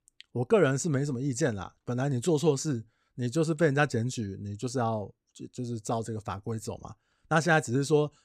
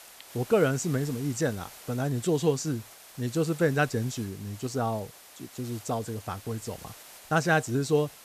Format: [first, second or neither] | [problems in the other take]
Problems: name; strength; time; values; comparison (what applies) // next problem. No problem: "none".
first | hiss; noticeable; throughout; 15 dB below the speech